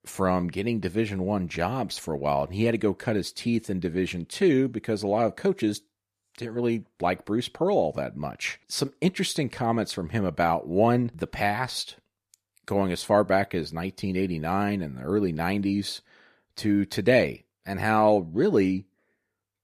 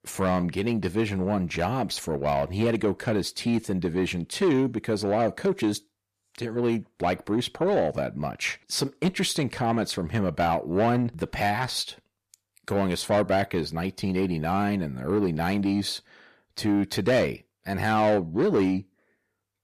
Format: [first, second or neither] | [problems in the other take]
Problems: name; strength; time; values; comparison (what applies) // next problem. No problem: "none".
first | distortion; slight; 10 dB below the speech